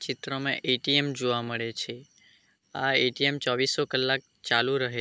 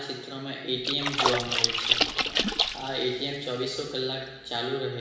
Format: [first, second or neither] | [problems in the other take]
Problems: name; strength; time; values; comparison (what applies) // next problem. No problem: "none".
first | background sound (Splash, splatter); 3 dB above the speech // room echo; dies away in 1 s